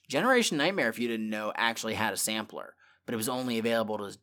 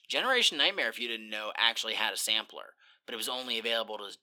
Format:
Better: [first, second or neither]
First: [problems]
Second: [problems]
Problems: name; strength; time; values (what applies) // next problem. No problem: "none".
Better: first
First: none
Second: thin; somewhat; fading below 400 Hz